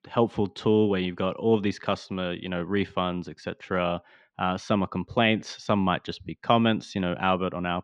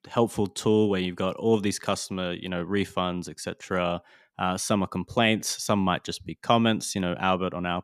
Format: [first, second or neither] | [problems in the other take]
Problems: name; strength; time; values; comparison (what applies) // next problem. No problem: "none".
second | muffled; slightly; fading above 3.5 kHz